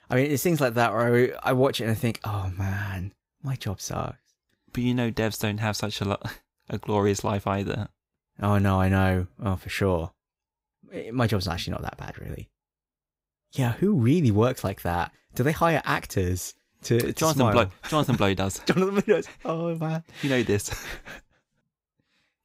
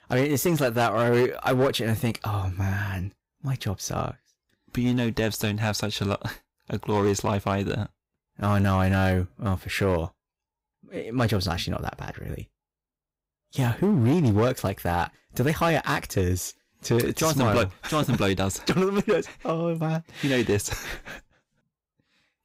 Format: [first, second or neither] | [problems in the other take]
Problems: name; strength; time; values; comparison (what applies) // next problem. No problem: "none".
first | distortion; slight; 5% of the sound clipped